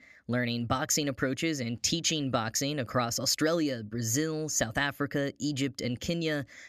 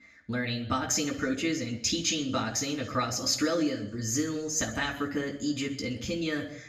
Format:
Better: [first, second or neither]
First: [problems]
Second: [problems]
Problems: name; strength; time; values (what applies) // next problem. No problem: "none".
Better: first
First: none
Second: room echo; slight; dies away in 0.8 s // off-mic speech; somewhat distant